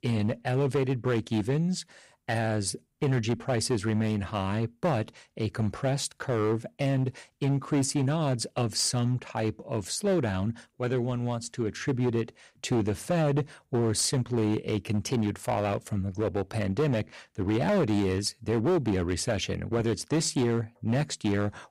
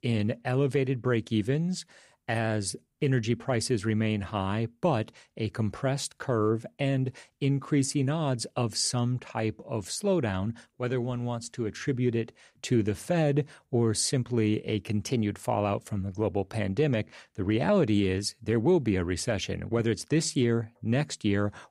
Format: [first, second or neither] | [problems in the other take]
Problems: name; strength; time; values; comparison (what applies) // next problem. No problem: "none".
second | distortion; slight; 8% of the sound clipped